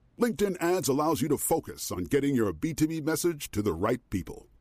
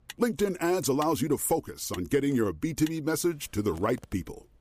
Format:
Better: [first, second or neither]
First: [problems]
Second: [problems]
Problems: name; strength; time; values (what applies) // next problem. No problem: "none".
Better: first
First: none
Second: traffic noise; noticeable; throughout; 20 dB below the speech